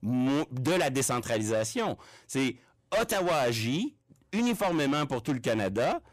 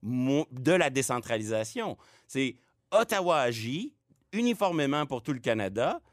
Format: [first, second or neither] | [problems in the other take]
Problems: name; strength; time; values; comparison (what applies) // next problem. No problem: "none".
second | distortion; heavy; 7 dB below the speech